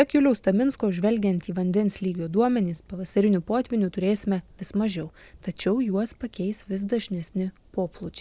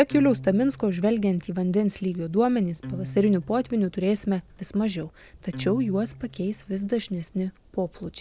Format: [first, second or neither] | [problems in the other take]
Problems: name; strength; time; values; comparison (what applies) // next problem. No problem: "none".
first | background sound (Acoustic guitar); 17 dB below the speech